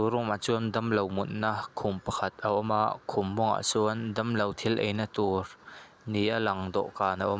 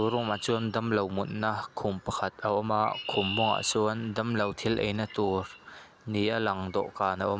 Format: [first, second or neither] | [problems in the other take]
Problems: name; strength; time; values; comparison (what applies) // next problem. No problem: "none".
first | background sound (Chirp, tweet); 14 dB below the speech